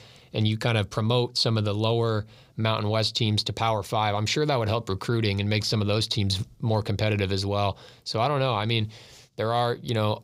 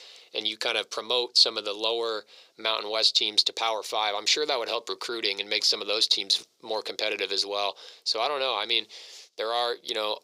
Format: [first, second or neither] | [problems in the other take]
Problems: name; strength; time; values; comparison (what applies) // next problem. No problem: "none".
first | thin; very; fading below 400 Hz